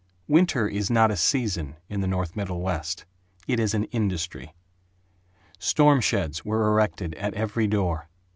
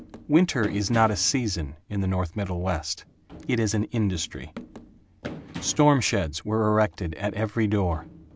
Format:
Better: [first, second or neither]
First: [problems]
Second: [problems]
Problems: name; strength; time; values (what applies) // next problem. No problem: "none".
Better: first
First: none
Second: background sound (Run); 18 dB below the speech